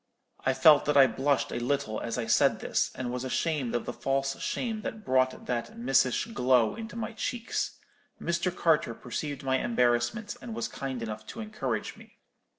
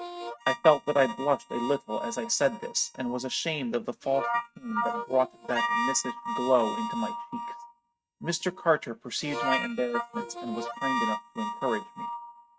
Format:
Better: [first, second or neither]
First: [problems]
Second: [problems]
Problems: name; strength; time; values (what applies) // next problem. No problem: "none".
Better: first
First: none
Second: noise reduction (neural mask model RNNoise)